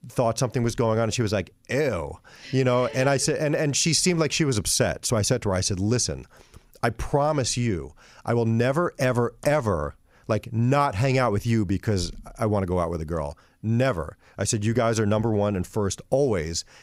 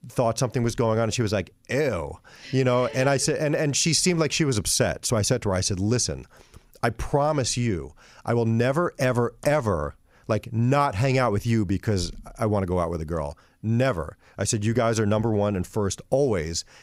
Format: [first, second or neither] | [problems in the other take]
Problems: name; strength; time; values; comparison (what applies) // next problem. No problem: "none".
neither | none